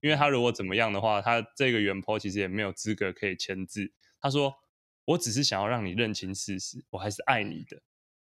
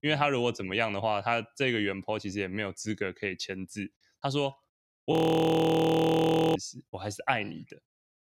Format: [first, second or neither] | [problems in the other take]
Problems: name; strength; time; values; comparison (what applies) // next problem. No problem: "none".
first | audio freezing; at 5 s for 1.5 s